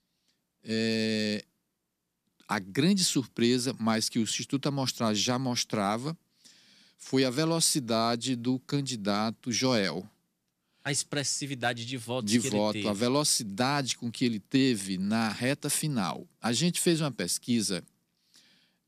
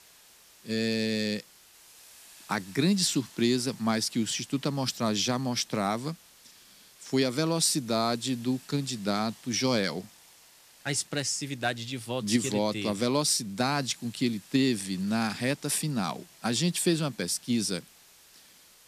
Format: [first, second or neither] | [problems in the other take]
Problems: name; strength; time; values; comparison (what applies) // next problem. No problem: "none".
first | hiss; faint; throughout; 25 dB below the speech